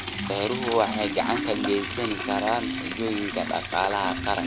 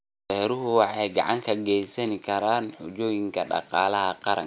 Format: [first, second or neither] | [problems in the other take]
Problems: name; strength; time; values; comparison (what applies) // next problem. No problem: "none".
second | background sound (Liquid + Marimba, xylophone); 4 dB below the speech